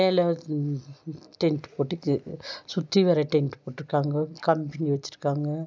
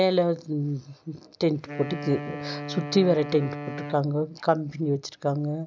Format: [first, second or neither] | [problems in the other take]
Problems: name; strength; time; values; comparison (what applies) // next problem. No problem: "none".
first | background sound (Wind instrument, woodwind instrument); 10 dB below the speech